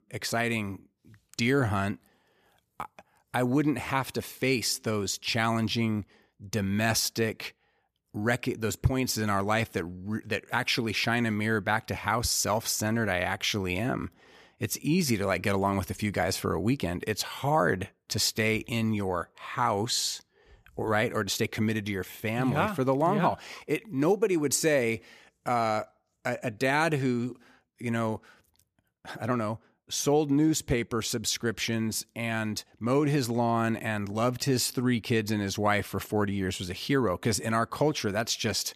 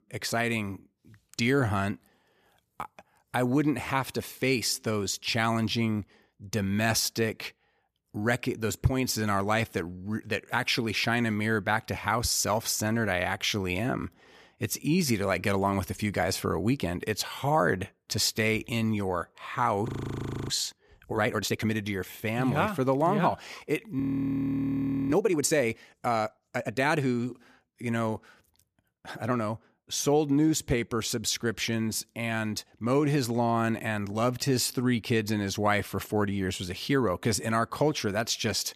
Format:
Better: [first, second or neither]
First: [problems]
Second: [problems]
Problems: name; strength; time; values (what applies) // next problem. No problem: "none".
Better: first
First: none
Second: audio freezing; at 20 s for 0.5 s and at 24 s for 1 s